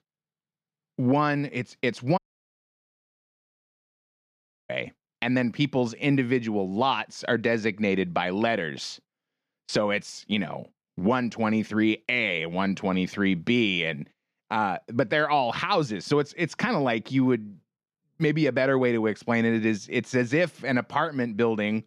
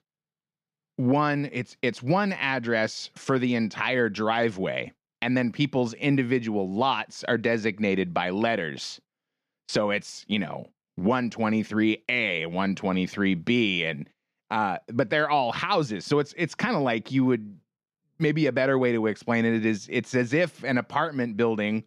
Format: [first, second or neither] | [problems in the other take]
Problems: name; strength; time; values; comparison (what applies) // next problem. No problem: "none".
second | audio cutting out; at 2 s for 2.5 s